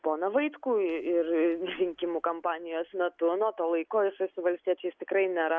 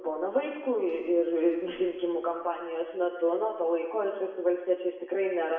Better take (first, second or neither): first